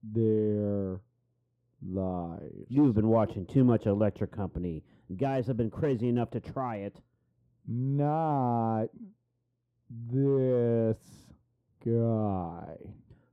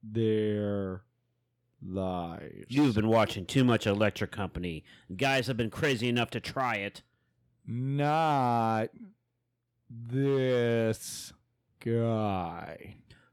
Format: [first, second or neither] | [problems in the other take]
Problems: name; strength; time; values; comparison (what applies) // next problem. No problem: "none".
second | muffled; very; fading above 1 kHz